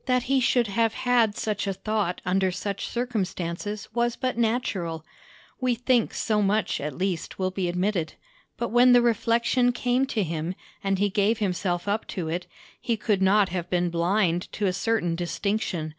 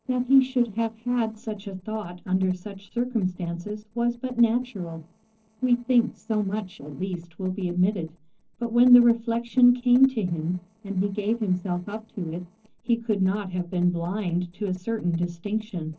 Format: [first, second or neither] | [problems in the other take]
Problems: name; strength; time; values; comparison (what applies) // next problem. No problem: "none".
first | noise reduction (neural separator model SepFormer DNS4)